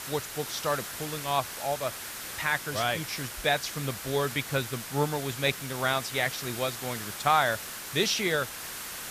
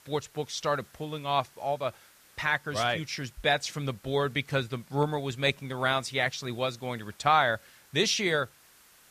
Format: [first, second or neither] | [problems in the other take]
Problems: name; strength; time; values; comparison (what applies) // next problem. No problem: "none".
second | hiss; loud; throughout; 7 dB below the speech; faint in the second